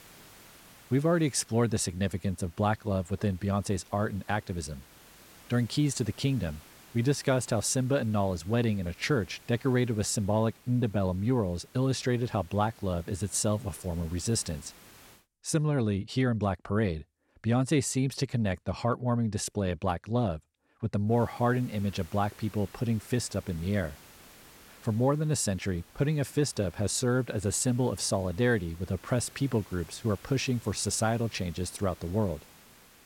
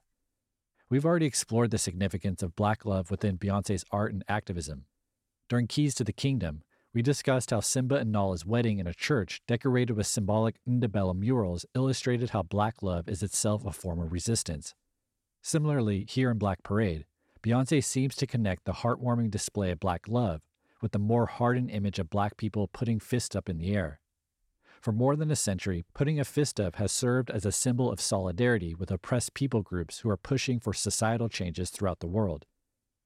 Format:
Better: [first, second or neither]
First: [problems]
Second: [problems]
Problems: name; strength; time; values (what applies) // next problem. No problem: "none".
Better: second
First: hiss; faint; until 15 s and from 21 s on; 25 dB below the speech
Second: none